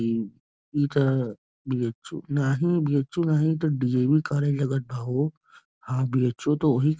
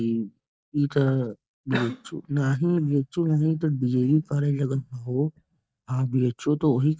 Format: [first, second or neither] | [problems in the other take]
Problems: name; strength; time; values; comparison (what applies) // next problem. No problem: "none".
first | noise reduction (neural mask model DeepFilterNet 3)